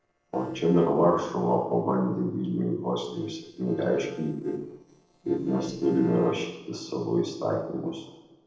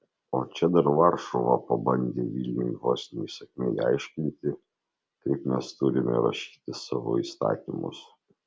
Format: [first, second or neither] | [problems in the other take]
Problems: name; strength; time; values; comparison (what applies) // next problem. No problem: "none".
second | noise reduction (neural separator model SepFormer DNS4)